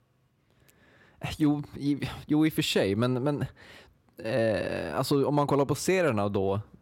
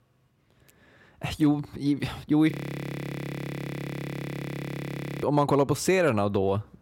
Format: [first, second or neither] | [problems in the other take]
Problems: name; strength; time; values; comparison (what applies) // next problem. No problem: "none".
first | audio freezing; at 2.5 s for 2.5 s